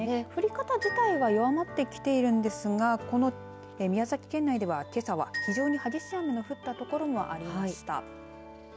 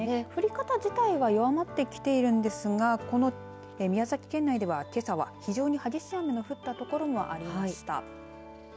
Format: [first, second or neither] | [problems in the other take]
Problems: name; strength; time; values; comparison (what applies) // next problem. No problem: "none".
second | background sound (Glockenspiel); 13 dB below the speech